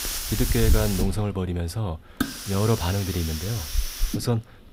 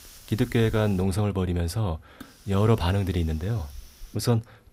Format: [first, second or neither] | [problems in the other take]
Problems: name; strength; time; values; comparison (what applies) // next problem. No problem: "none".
second | hiss; loud; throughout; 2 dB below the speech; faint in the second